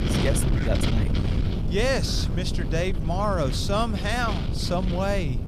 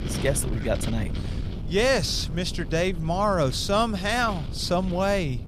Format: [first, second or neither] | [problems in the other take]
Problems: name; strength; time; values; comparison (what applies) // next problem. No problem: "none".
second | wind noise on the microphone; heavy; 7 dB below the speech; occasional gusts in the second